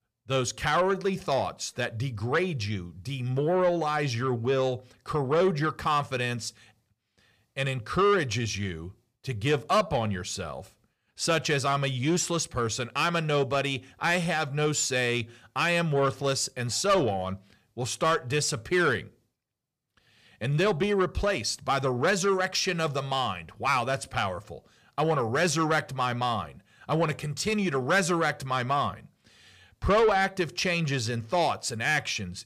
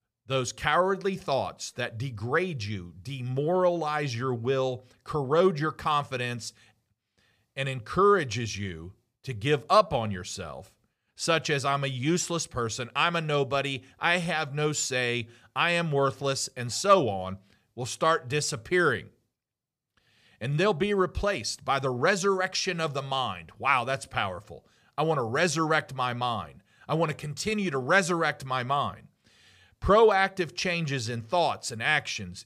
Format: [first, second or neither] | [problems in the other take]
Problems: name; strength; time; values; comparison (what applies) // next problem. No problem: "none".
second | distortion; slight; 10 dB below the speech